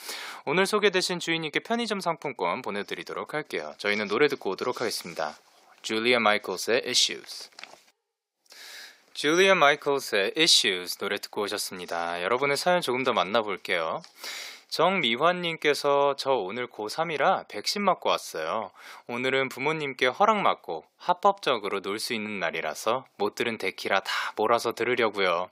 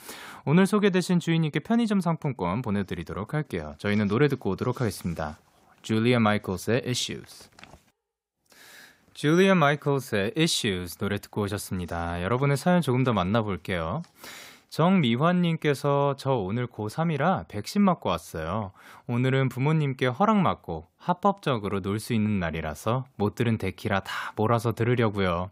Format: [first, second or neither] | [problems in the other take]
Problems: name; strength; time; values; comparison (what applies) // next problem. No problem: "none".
second | thin; somewhat; fading below 450 Hz